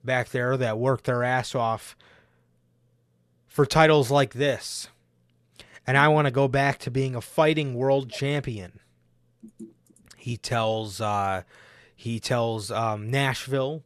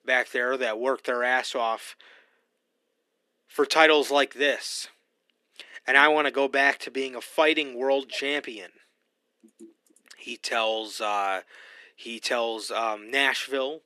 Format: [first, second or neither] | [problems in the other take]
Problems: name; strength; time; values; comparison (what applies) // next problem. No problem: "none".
first | thin; somewhat; fading below 250 Hz